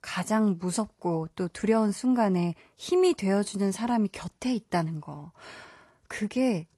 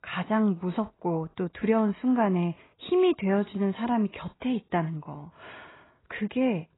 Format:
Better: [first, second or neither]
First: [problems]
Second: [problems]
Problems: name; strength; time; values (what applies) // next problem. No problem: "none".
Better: first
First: garbled, watery; slightly; nothing above 11 kHz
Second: garbled, watery; badly; nothing above 4 kHz